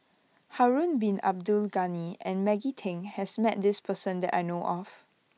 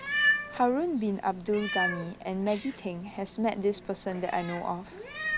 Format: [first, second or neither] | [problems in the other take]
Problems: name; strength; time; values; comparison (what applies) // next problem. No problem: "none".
first | background sound (Meow); 3 dB below the speech